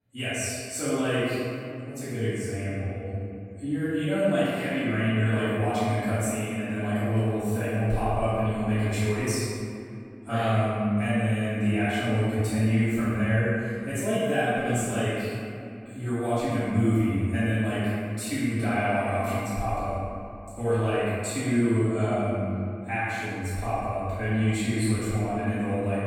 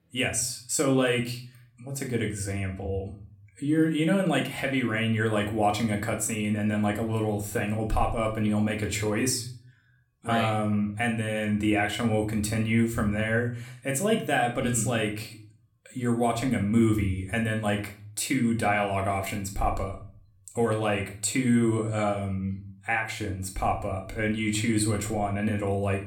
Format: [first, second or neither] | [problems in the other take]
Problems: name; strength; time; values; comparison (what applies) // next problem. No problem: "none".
second | room echo; strong; dies away in 2.5 s; slight in the second // off-mic speech; far; somewhat distant in the second